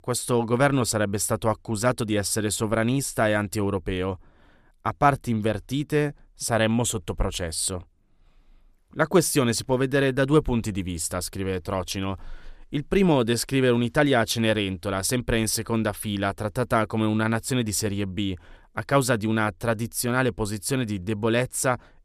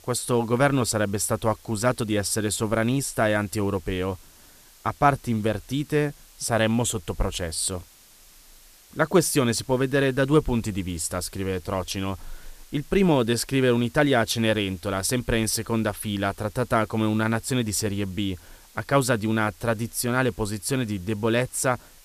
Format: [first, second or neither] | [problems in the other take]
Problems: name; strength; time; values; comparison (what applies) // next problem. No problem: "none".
first | hiss; faint; throughout; 25 dB below the speech